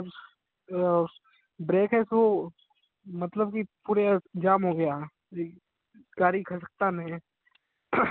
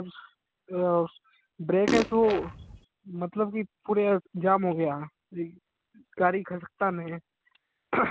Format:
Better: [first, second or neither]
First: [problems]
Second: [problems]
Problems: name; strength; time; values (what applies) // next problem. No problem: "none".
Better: first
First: none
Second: background sound (Fart); 3 dB below the speech